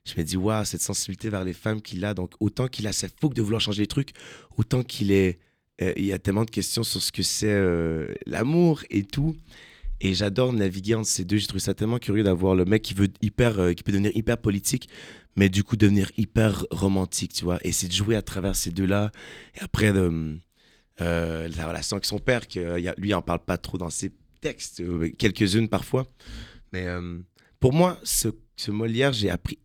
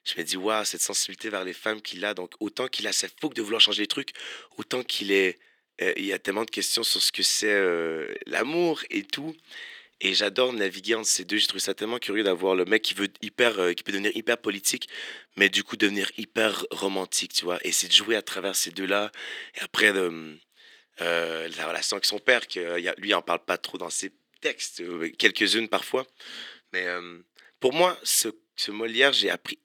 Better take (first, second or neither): first